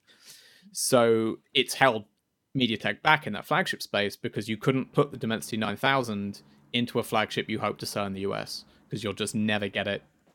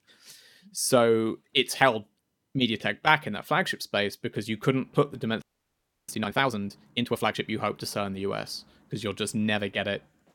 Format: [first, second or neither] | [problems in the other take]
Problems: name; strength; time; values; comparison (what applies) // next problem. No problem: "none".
first | audio freezing; at 5.5 s for 0.5 s